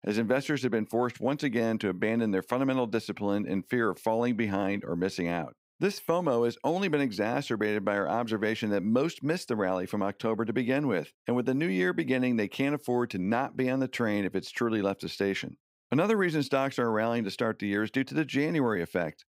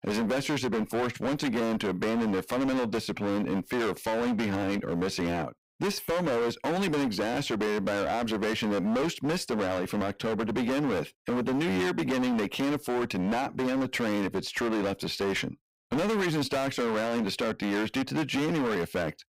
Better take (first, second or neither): first